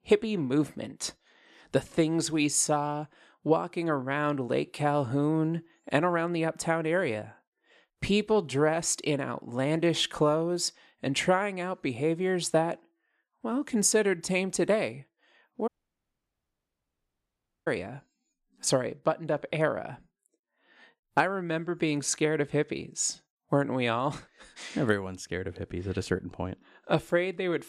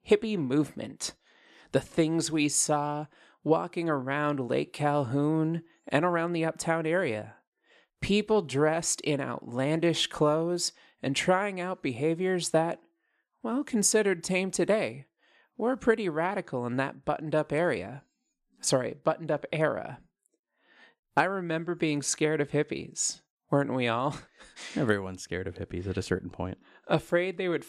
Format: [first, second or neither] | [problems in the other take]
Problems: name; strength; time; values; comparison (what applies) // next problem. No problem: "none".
second | audio cutting out; at 16 s for 2 s